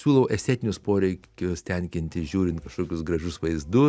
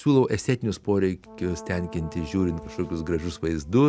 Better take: first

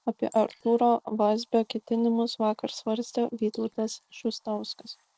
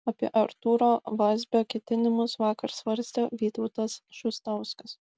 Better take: second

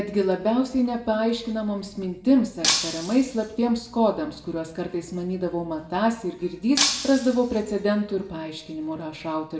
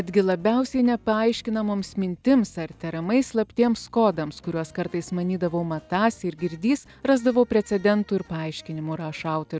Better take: second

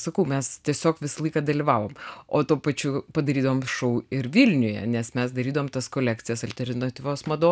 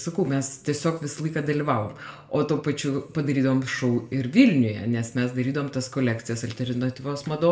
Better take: first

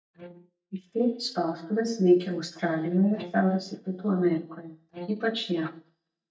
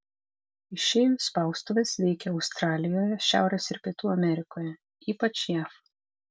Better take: second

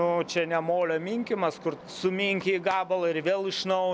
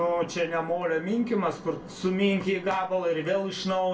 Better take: first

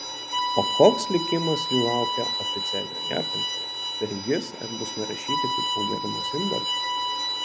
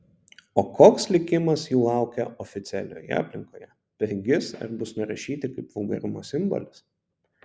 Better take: second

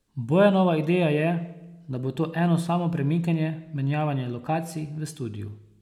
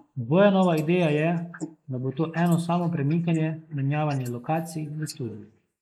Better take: first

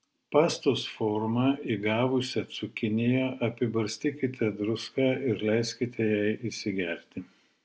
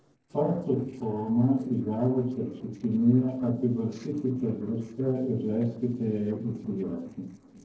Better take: first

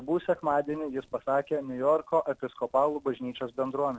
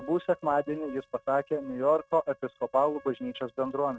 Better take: first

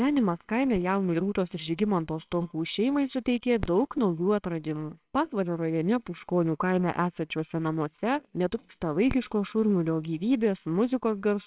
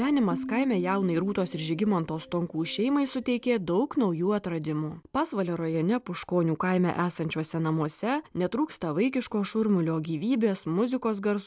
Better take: second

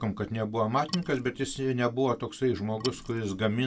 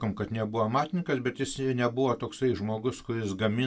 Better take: second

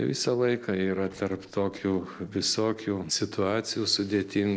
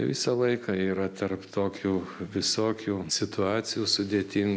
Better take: second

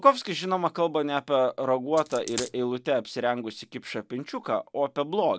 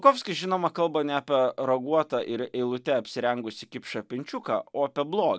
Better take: second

